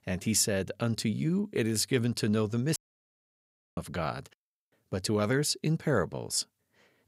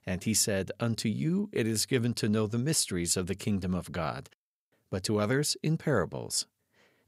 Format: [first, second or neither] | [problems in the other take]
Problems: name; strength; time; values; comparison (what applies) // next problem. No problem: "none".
second | audio cutting out; at 3 s for 1 s